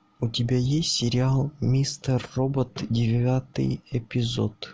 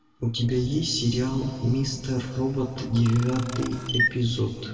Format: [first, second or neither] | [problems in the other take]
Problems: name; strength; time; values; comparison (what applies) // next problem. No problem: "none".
first | background sound (Camera); 6 dB below the speech // room echo; dies away in 2.2 s